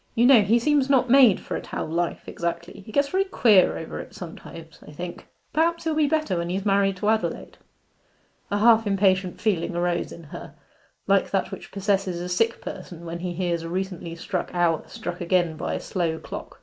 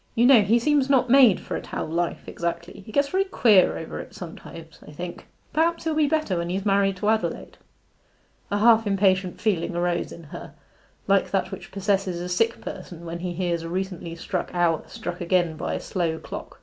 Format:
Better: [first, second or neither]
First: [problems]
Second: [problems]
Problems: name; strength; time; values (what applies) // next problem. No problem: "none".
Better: second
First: noise reduction (neural mask model Resemble Enhance denoiser)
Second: none